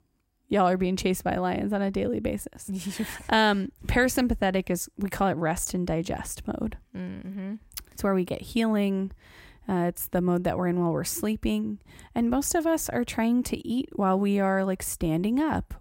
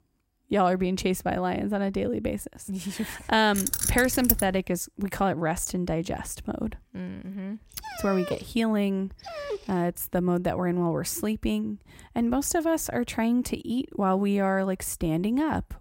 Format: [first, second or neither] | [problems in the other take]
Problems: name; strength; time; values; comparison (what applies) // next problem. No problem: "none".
first | jangling keys; loud; at 3.5 s; peak 3 dB above the speech // dog barking; noticeable; from 8 to 9.5 s; peak 7 dB below the speech